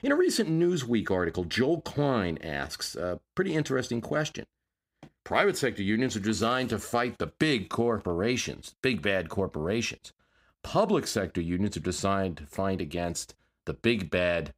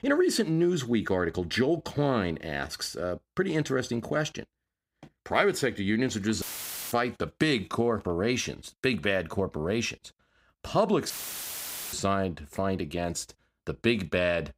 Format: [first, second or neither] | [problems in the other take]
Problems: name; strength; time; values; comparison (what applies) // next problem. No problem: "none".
first | audio cutting out; filled with static; at 6.5 s for 0.5 s and at 11 s for 1 s